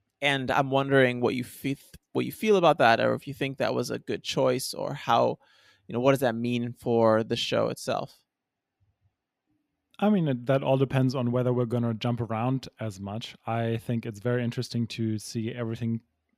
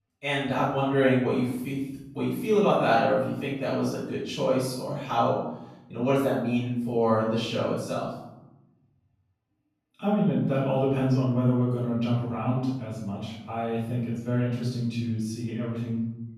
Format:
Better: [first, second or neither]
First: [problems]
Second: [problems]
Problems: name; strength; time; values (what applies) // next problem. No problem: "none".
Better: first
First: none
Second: off-mic speech; far // room echo; noticeable; dies away in 0.8 s